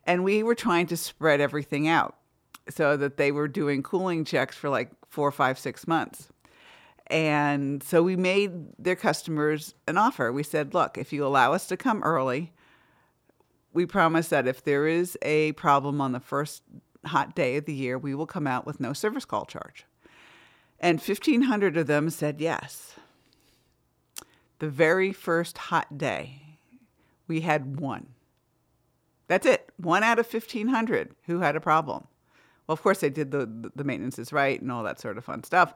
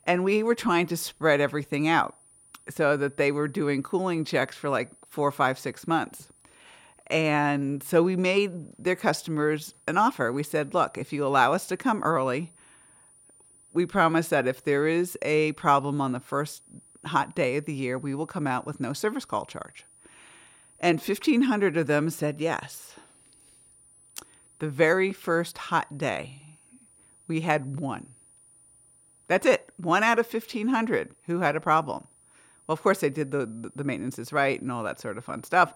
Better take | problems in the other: first | high-pitched whine; faint; throughout; 9.5 kHz, 30 dB below the speech

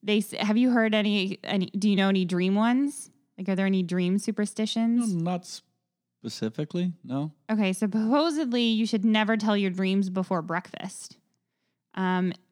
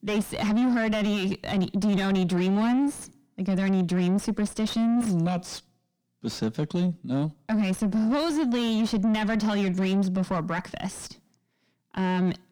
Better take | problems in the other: first | distortion; heavy; 6 dB below the speech

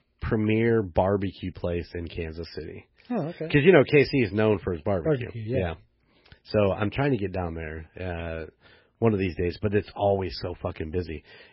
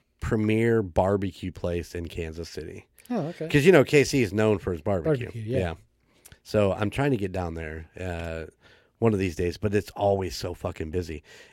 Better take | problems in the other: second | garbled, watery; badly; nothing above 5.5 kHz

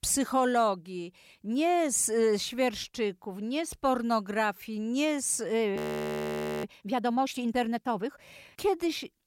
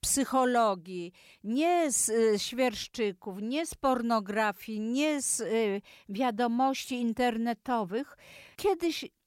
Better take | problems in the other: second | audio freezing; at 6 s for 1 s

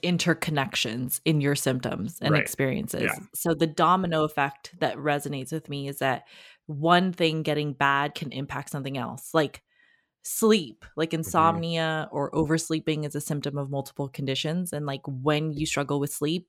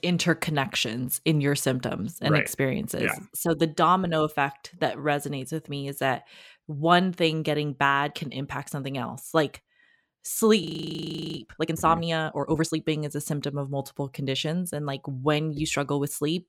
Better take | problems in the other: first | audio freezing; at 11 s for 0.5 s

